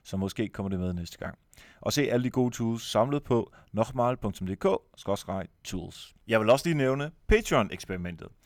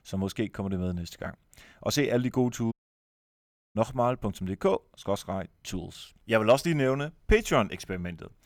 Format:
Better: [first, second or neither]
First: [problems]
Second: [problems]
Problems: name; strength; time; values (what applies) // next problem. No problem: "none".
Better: first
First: none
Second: audio cutting out; at 2.5 s for 1 s